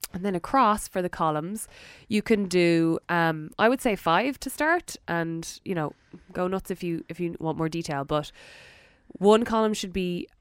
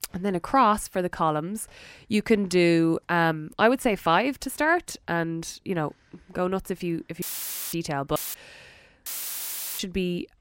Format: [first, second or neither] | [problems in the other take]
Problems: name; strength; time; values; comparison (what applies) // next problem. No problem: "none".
first | audio cutting out; filled with static; at 7 s for 0.5 s, at 8 s and at 9 s for 0.5 s